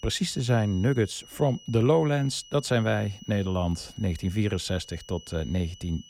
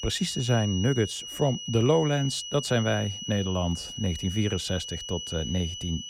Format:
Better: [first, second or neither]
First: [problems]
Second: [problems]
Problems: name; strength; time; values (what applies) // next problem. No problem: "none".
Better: first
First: high-pitched whine; faint; throughout; 3 kHz, 20 dB below the speech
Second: high-pitched whine; loud; throughout; 3 kHz, 8 dB below the speech